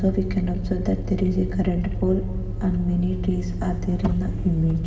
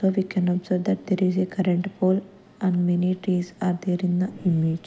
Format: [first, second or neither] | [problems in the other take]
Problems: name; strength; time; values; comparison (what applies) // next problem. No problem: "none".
second | background sound (Motor vehicle (road)); 3 dB below the speech // room echo; dies away in 2.4 s